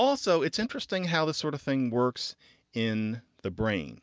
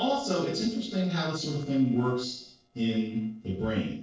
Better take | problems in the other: first | noise reduction (neural separator model SepFormer DNS4)

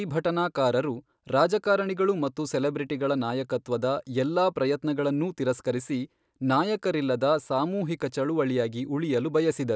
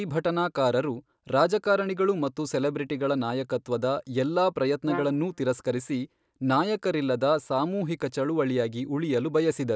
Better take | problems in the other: first | background sound (Brass instrument); 12 dB below the speech

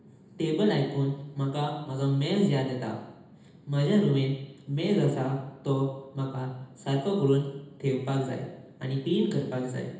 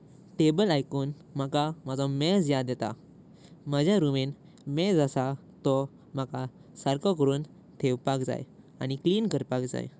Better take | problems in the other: second | room echo; dies away in 0.8 s

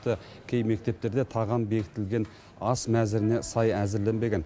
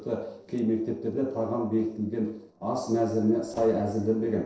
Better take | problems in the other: first | noise reduction (neural separator model SepFormer DNS4)

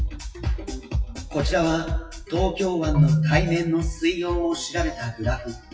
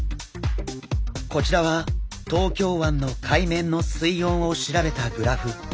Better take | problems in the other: second | noise reduction (classical method WPE with log-MMSE)

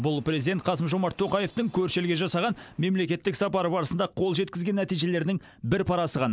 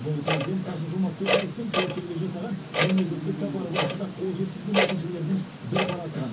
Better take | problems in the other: first | background sound (Clock); 1 dB below the speech // room echo; dies away in 0.3 s

